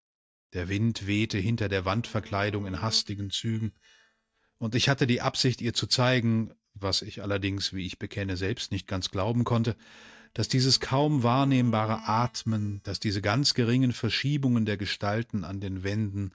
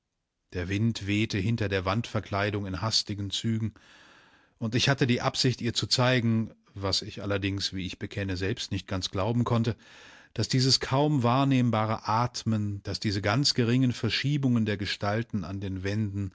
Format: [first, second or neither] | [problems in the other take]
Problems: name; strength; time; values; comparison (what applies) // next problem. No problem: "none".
second | noise reduction (neural mask model DeepFilterNet 3)